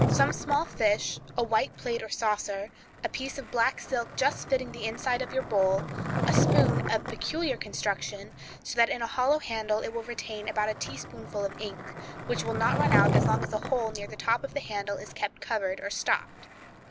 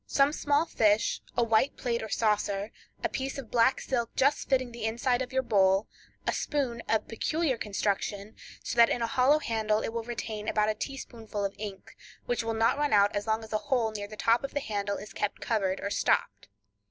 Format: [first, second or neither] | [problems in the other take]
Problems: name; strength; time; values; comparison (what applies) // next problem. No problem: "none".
second | background sound (Skateboard); 3 dB below the speech